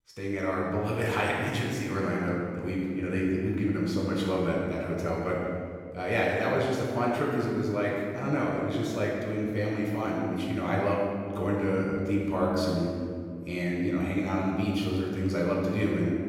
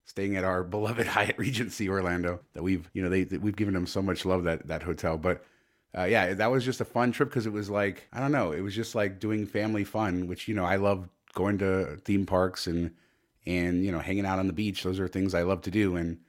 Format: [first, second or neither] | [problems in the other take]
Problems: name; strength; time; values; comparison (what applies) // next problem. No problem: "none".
second | room echo; strong; dies away in 1.9 s // off-mic speech; far